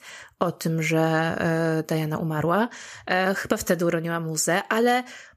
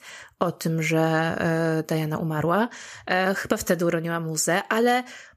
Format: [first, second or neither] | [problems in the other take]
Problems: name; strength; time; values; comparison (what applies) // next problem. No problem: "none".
neither | none